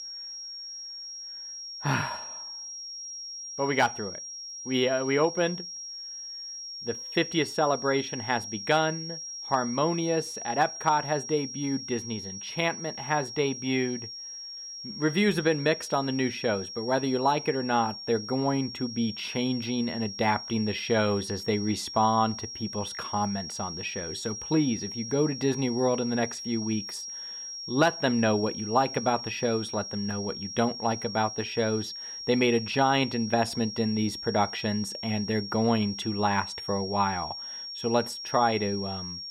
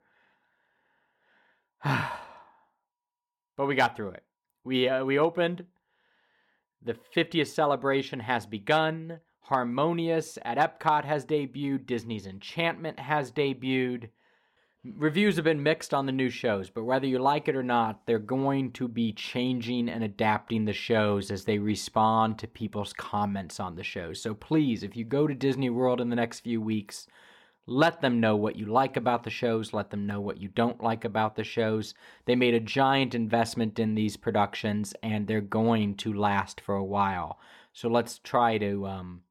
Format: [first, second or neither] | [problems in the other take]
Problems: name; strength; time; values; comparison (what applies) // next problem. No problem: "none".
second | high-pitched whine; loud; throughout; 5.5 kHz, 8 dB below the speech